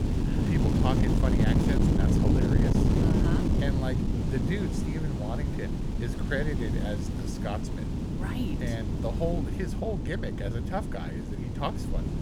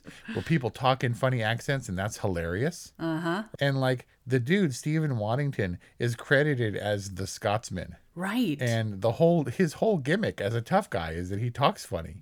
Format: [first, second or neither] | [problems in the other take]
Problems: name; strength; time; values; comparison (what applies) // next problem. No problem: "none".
second | wind noise on the microphone; heavy; 1 dB above the speech